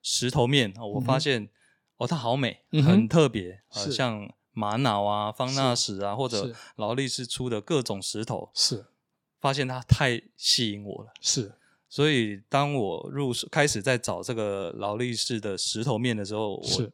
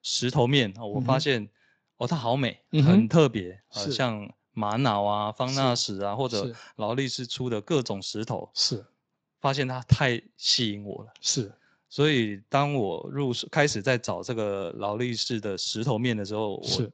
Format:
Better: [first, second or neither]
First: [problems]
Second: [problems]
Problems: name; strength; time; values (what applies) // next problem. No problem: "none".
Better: first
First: none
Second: garbled, watery; slightly; nothing above 7.5 kHz